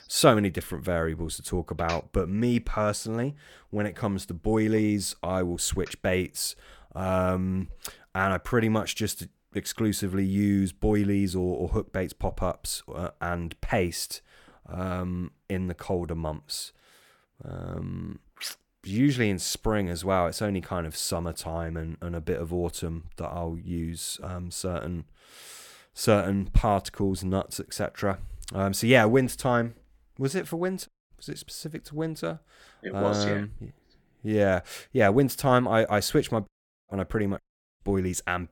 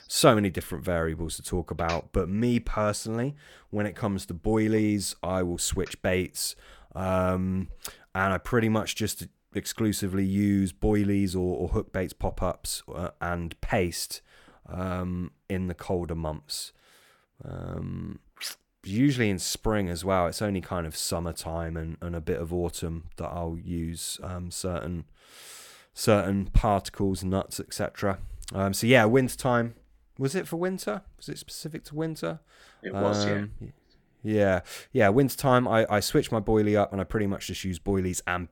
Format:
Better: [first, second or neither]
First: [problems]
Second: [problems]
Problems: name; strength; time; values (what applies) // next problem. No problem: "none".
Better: second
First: audio cutting out; at 31 s, at 36 s and at 37 s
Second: none